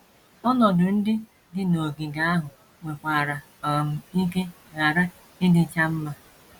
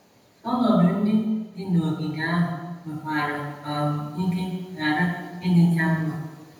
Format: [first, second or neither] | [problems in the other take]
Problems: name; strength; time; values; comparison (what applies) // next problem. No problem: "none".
first | room echo; dies away in 1 s